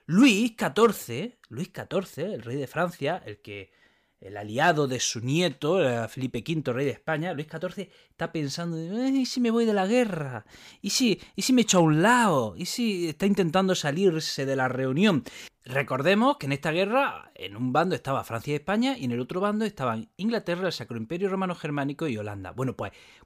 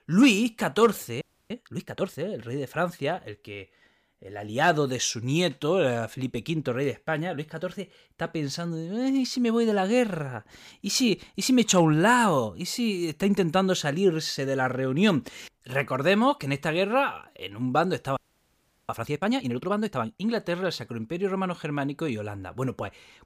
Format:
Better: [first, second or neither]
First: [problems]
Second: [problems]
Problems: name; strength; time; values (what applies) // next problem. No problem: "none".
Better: first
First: none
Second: audio freezing; at 1 s and at 18 s for 0.5 s